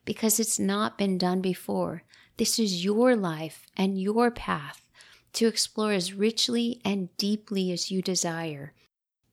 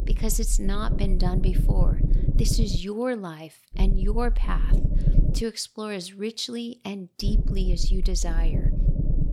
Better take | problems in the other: first | low rumble; loud; until 3 s, from 4 to 5.5 s and from 7 s on; 8 dB below the speech

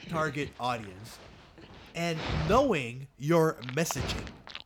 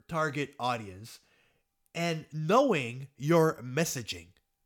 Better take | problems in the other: second | animal sounds; loud; throughout; 9 dB below the speech

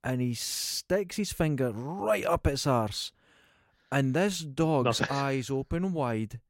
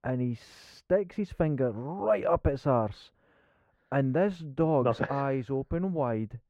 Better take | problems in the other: first | muffled; very; fading above 3.5 kHz

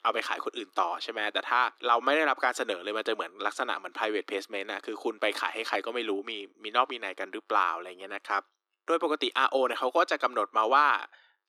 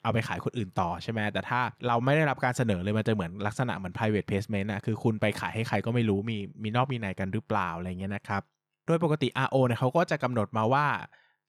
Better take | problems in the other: second | thin; very; fading below 300 Hz

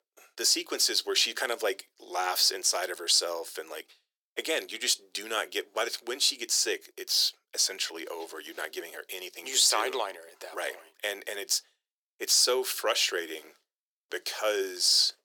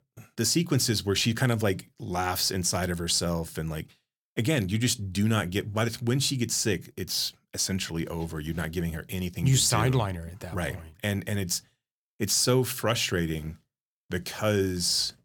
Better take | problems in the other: second | thin; very; fading below 400 Hz

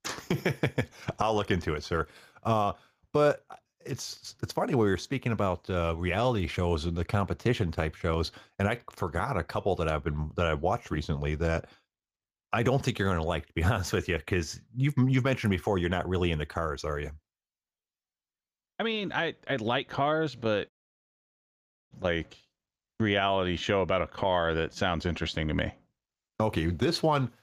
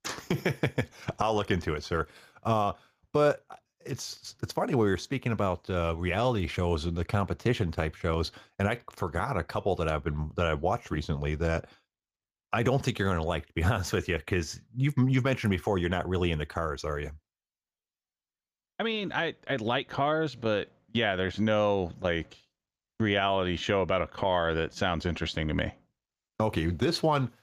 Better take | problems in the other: second | audio cutting out; at 21 s for 1 s

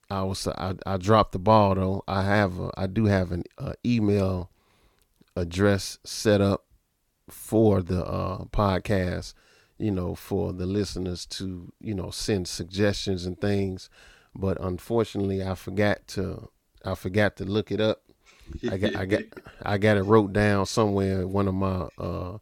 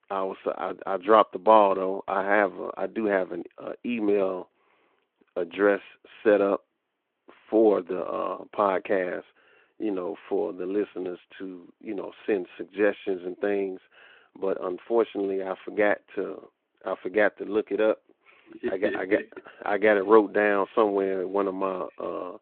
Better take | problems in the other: first | phone-call audio

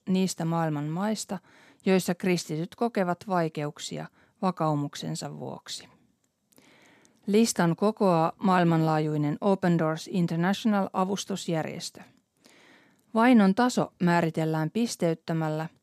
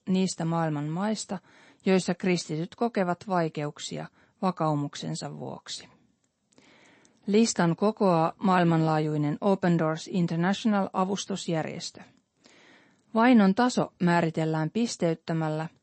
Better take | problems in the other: first | garbled, watery; slightly; nothing above 8 kHz

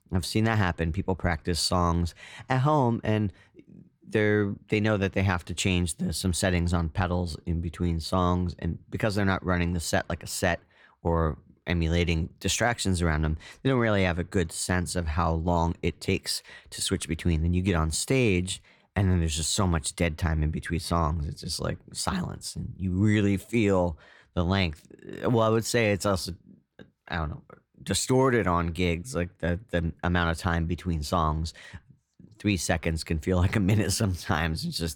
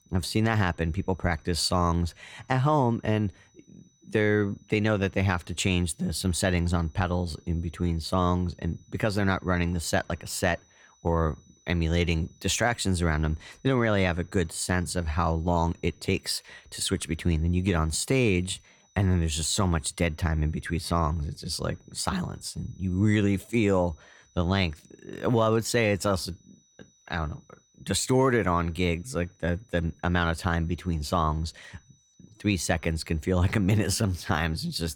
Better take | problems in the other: first | high-pitched whine; faint; throughout; 6 kHz, 35 dB below the speech

